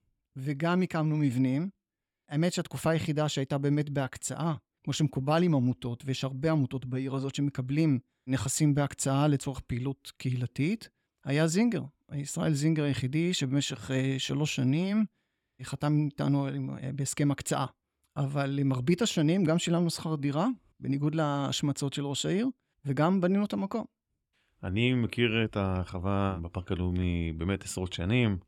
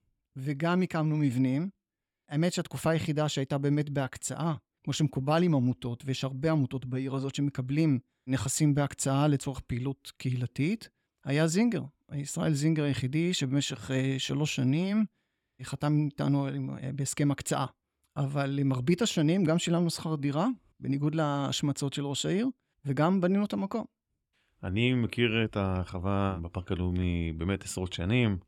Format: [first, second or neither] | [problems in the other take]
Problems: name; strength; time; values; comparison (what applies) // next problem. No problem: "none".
neither | none